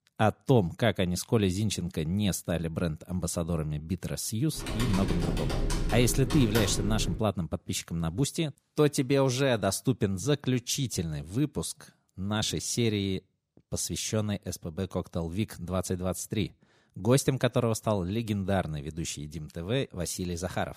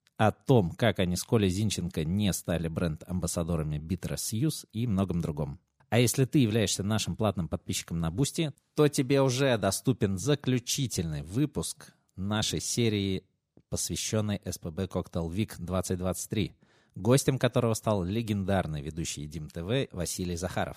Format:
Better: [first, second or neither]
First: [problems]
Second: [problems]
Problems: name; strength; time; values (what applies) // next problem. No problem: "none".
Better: second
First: keyboard typing; noticeable; from 4.5 to 7 s; peak 1 dB below the speech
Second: none